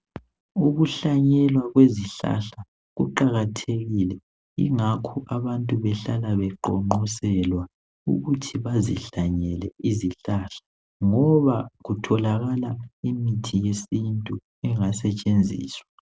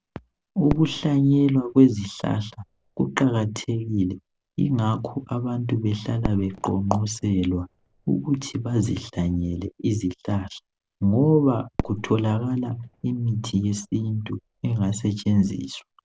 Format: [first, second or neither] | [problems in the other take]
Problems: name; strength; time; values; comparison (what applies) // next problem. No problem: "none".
first | background sound (Fireworks); 17 dB below the speech